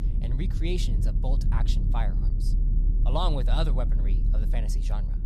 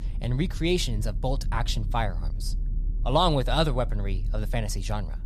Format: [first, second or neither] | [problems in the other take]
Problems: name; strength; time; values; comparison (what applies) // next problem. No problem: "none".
second | low rumble; loud; throughout; 9 dB below the speech; faint in the second